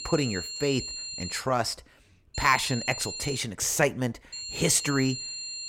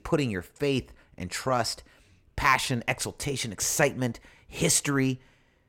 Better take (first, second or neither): second